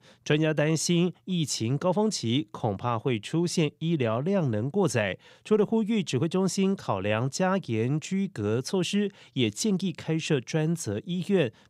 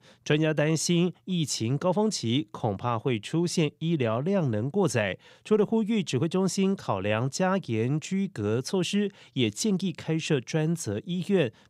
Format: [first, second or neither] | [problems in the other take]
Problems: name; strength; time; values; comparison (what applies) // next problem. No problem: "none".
neither | none